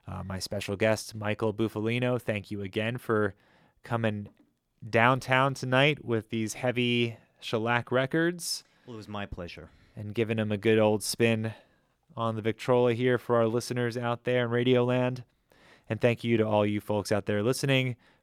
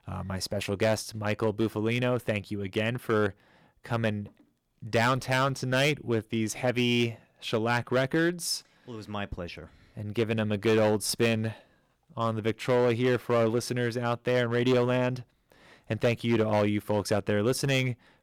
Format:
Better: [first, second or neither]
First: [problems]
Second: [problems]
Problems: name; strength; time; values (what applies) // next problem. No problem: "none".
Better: first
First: none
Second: distortion; slight; 6% of the sound clipped